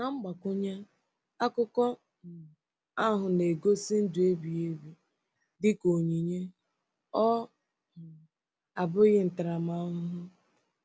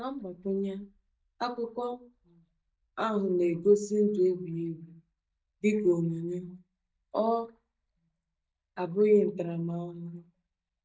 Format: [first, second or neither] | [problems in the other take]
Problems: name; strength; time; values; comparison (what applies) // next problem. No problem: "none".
first | noise reduction (neural mask model DeepFilterNet 3)